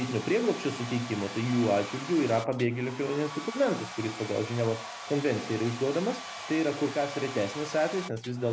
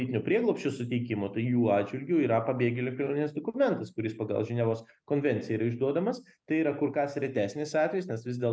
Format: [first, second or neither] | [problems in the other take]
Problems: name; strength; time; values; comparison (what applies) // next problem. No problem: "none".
second | background sound (Domestic sounds, home sounds); 11 dB below the speech